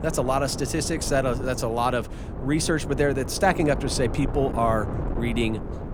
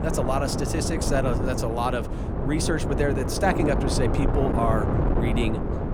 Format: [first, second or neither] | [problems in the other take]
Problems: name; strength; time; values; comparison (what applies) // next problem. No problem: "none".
first | wind noise on the microphone; heavy; 3 dB below the speech; occasional gusts in the first